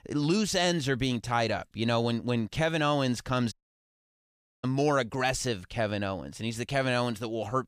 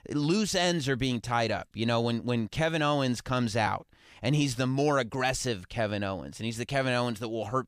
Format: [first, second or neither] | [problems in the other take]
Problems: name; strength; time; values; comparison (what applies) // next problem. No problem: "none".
second | audio cutting out; at 3.5 s for 1 s